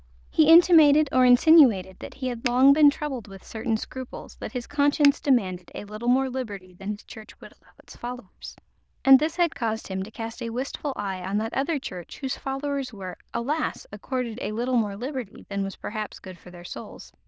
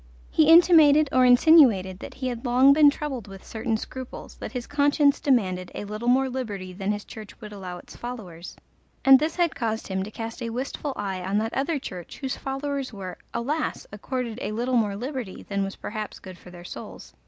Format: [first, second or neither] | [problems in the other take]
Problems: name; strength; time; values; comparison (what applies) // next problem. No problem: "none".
second | noise reduction (neural diffusion model UNIVERSE++)